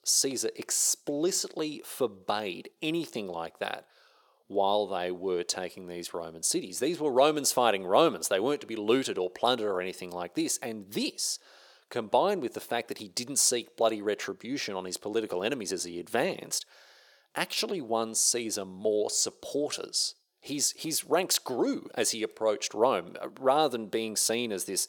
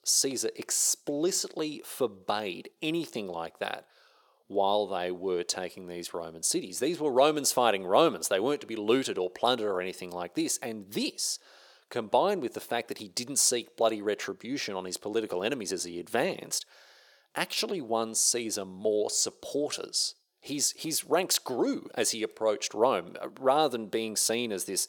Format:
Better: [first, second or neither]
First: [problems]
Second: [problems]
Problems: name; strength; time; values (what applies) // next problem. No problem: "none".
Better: neither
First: thin; very; fading below 550 Hz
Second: thin; very; fading below 550 Hz